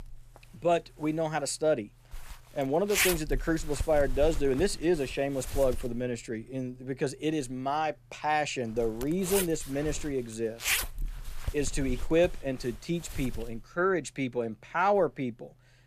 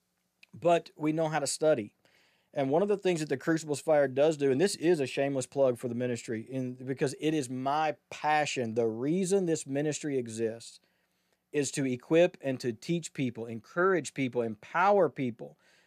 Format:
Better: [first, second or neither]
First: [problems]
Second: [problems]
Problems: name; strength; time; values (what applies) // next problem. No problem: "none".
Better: second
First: household noises; loud; throughout; 5 dB below the speech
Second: none